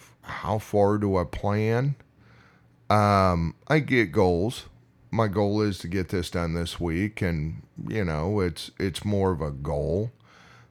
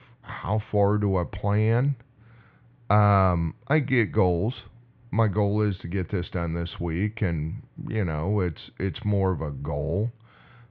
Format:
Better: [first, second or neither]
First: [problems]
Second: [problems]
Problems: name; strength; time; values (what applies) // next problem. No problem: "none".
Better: first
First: none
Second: muffled; slightly; fading above 3.5 kHz